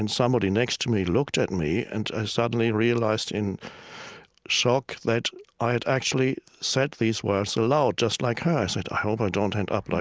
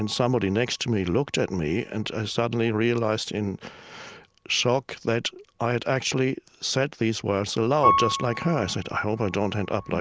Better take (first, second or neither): first